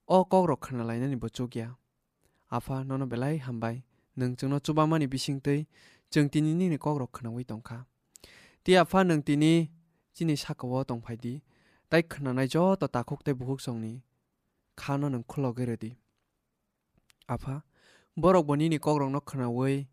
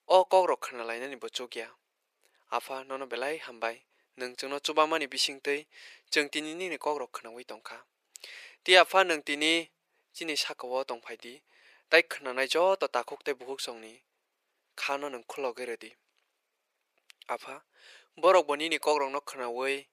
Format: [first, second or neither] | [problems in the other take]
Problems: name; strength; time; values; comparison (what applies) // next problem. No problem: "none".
first | thin; very; fading below 450 Hz